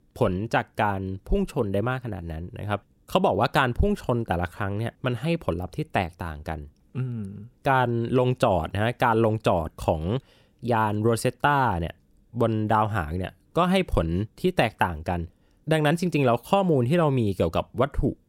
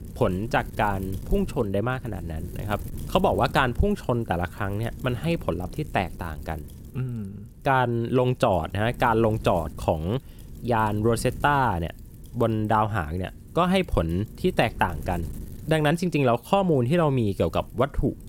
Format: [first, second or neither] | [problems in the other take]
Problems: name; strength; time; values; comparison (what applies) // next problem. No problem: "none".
first | wind noise on the microphone; occasional gusts; 25 dB below the speech